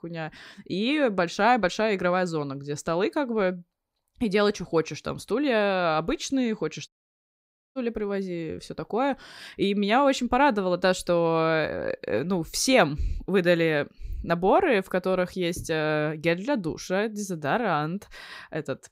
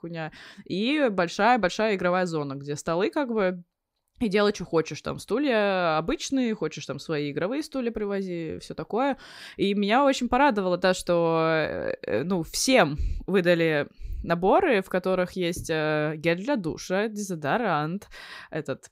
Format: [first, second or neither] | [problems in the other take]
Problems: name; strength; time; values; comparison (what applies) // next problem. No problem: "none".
second | audio cutting out; at 7 s for 1 s